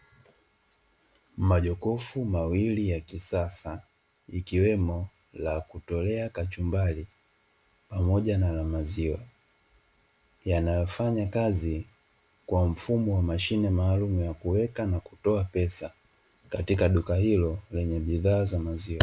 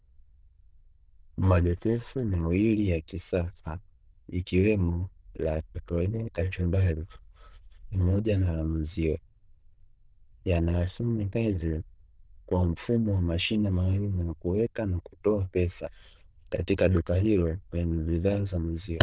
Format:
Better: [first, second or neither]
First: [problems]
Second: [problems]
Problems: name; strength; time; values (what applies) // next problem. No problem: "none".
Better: first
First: none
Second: noise reduction (neural diffusion model UNIVERSE++)